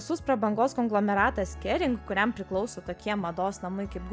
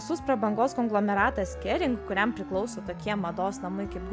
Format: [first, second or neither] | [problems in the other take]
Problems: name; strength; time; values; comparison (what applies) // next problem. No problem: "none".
first | background sound (Siren); 12 dB below the speech